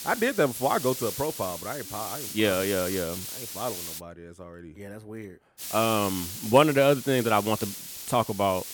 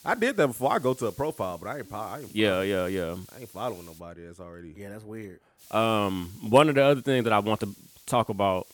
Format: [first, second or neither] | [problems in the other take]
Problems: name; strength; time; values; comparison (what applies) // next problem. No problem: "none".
second | hiss; loud; until 4 s and from 5.5 s on; 9 dB below the speech; faint in the second